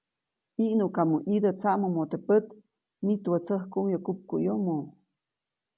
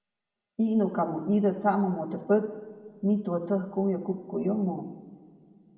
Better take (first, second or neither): first